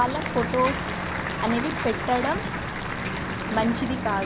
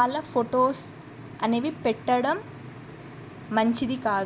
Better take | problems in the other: second | background sound (Applause / Crowd + Ocean); 2 dB below the speech

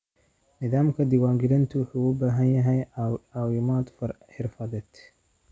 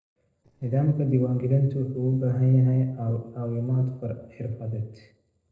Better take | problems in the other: first | noise reduction (neural separator model SepFormer DNS4)

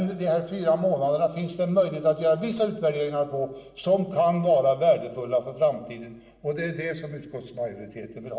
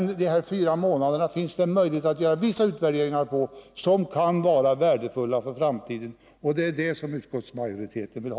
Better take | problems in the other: second | room echo; dies away in 0.9 s

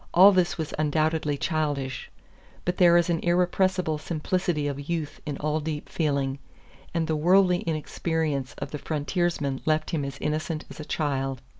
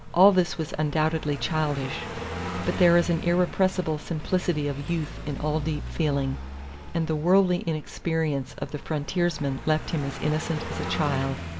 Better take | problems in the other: first | background sound (Car passing by); 10 dB below the speech

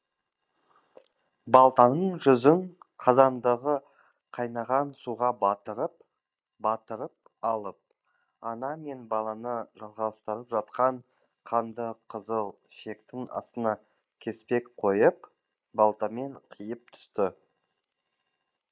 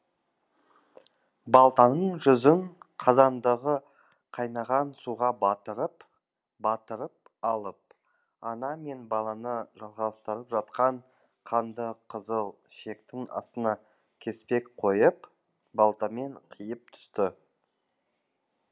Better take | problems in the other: second | noise reduction (neural mask model Resemble Enhance denoiser)

